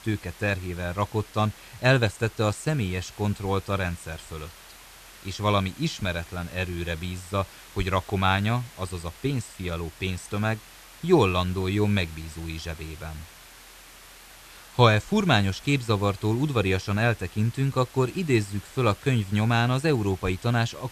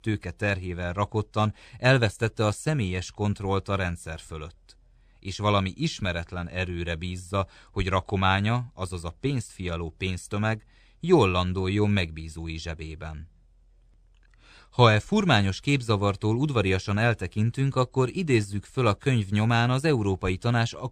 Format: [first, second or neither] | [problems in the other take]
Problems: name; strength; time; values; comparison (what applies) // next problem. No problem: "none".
second | hiss; faint; throughout; 20 dB below the speech